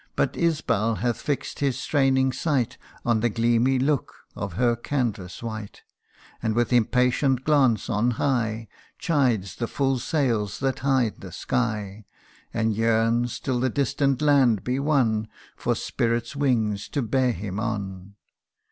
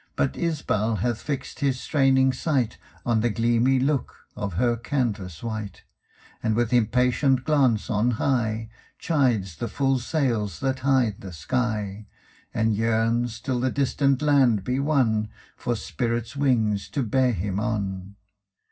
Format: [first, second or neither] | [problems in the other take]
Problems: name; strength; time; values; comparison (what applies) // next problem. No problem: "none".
first | room echo; dies away in 0.4 s